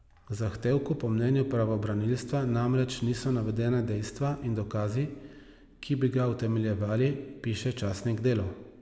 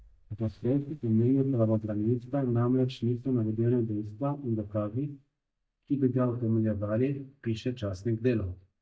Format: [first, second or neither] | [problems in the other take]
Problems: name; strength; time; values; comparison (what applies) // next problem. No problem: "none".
first | noise reduction (neural mask model DeepFilterNet 3)